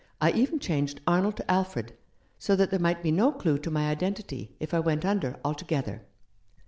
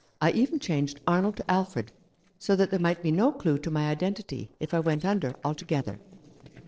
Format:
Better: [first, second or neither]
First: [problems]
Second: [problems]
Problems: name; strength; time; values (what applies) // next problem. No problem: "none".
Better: first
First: none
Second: noise reduction (neural separator model SepFormer DNS4)